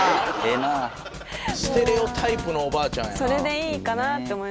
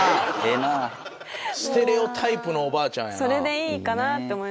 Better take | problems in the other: second | background sound (Thump, thud); 11 dB below the speech

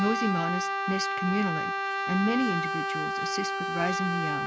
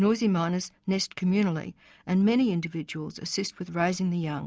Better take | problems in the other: second | background sound (Brass instrument); 1 dB above the speech

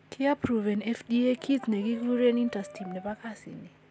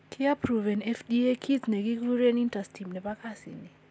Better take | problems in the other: second | background sound (Brass instrument); 19 dB below the speech

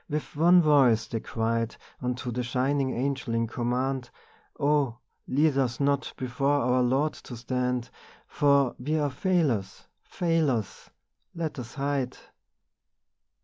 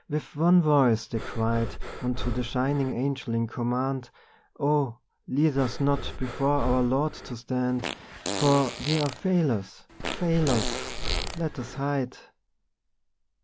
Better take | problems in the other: first | background sound (Fart + Breathing); 5 dB below the speech

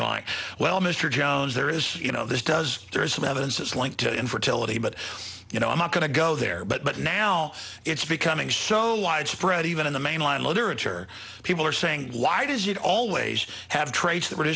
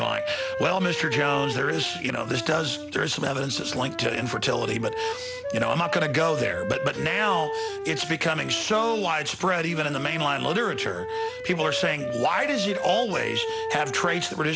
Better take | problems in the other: first | background sound (Wind instrument, woodwind instrument); 6 dB below the speech

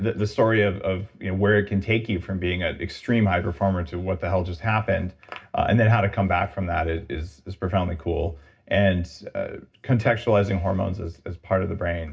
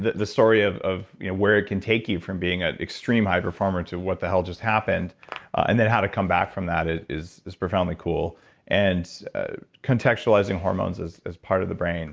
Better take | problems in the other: second | room echo; dies away in 0.4 s

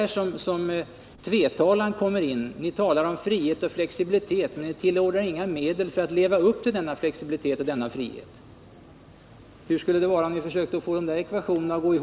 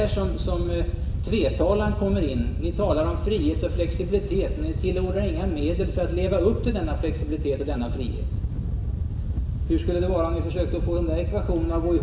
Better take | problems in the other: first | background sound (Wind / Boat, Water vehicle); as loud as the speech // room echo; dies away in 0.8 s

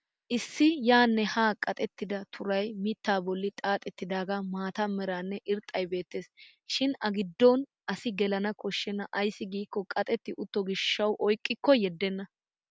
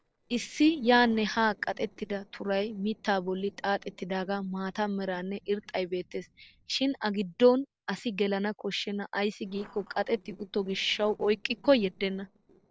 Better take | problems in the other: first | noise reduction (neural separator model SepFormer DNS4)

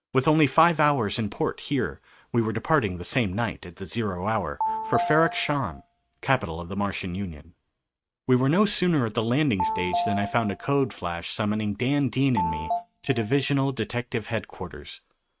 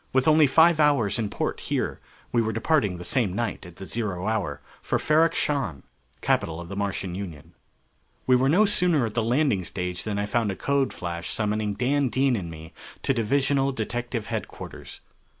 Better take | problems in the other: second | noise reduction (neural mask model RNNoise)

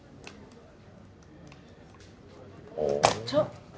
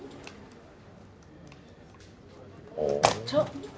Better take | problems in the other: first | background sound (Mechanisms); 18 dB below the speech

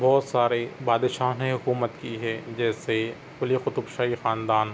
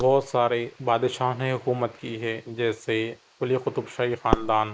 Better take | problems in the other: first | noise reduction (neural mask model Resemble Enhance denoiser)

